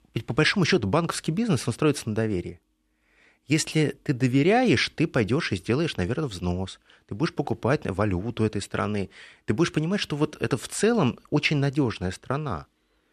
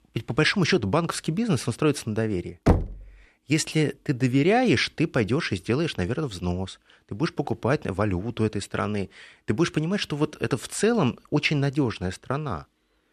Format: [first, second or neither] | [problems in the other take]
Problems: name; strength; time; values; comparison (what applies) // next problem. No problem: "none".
first | door banging; loud; at 2.5 s; peak 2 dB above the speech